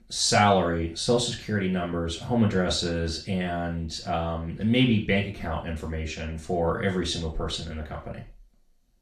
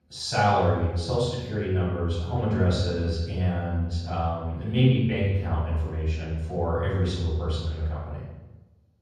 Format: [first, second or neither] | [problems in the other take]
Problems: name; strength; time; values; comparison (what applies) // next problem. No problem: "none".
first | room echo; strong; dies away in 1.3 s; slight in the first // off-mic speech; far; far in the first